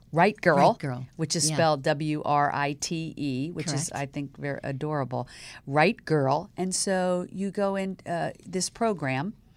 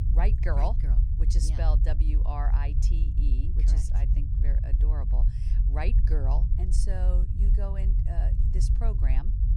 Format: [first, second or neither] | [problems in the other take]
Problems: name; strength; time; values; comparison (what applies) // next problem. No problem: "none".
first | low rumble; loud; throughout; 5 dB below the speech